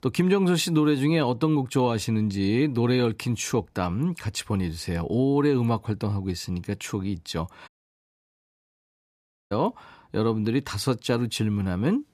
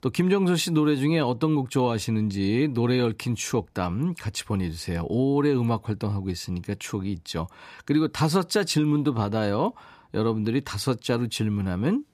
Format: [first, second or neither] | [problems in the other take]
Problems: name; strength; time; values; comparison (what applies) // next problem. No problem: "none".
second | audio cutting out; at 7.5 s for 2 s